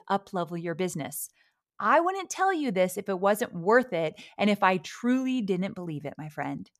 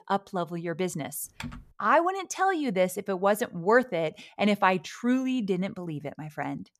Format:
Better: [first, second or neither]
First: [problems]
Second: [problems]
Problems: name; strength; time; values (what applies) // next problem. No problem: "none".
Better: first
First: none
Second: keyboard typing; faint; at 1.5 s; peak 15 dB below the speech